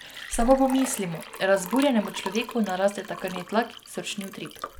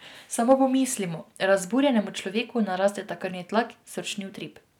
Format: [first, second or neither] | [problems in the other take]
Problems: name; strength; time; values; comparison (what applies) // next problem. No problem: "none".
second | background sound (Liquid); 11 dB below the speech